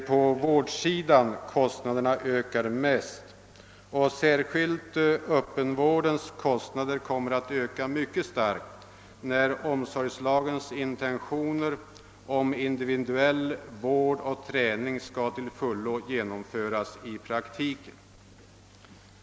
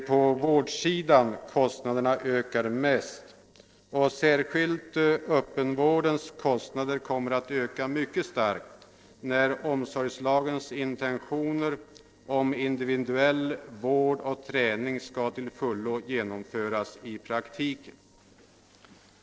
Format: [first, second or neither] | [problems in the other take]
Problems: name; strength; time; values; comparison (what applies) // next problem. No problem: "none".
first | noise reduction (neural separator model SepFormer DNS4)